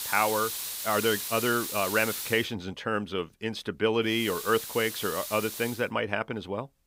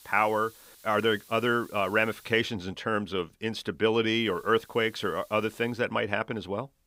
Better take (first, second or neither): second